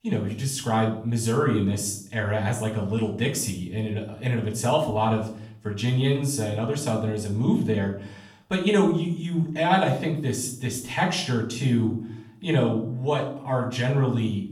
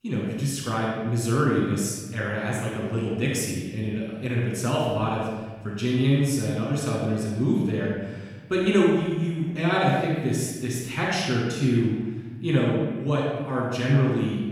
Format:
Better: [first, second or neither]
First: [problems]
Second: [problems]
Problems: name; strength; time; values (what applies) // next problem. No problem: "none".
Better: first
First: room echo; slight; dies away in 0.5 s // off-mic speech; far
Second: room echo; strong; dies away in 1.4 s // off-mic speech; far